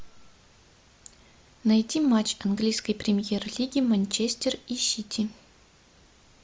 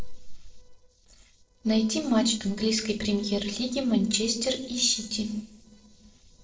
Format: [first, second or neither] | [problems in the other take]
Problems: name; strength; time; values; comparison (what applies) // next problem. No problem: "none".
first | noise reduction (neural separator model SepFormer DNS4)